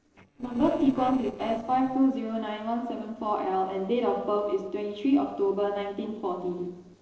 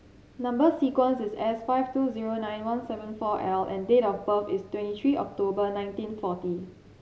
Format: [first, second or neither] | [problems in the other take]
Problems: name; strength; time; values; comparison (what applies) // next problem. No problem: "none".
second | noise reduction (neural separator model SepFormer DNS4)